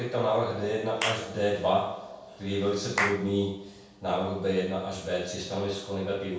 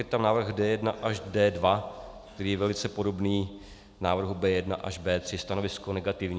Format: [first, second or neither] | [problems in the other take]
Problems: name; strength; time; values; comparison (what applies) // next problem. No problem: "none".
second | background sound (Clapping / Chirp, tweet); 10 dB below the speech // room echo; dies away in 0.6 s